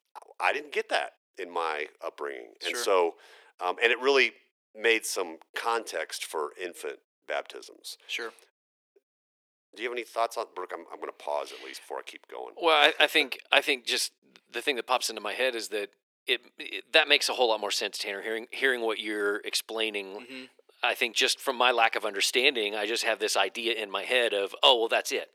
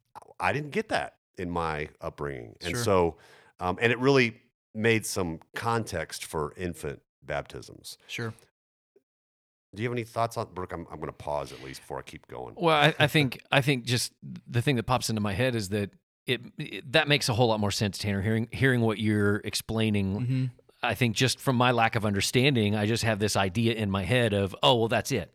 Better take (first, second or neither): second